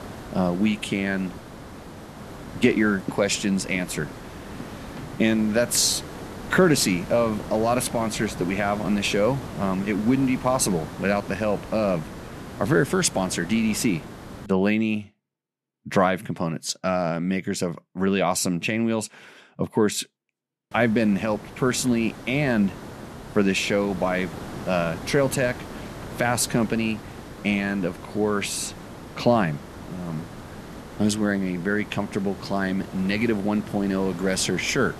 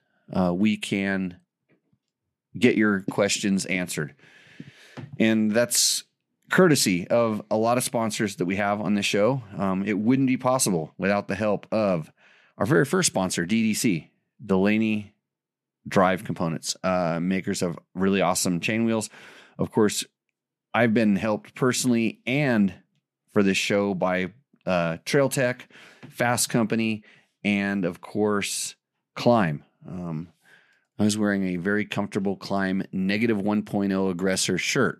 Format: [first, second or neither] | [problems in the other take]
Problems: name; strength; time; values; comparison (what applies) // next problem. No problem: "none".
second | hiss; noticeable; until 14 s and from 21 s on; 15 dB below the speech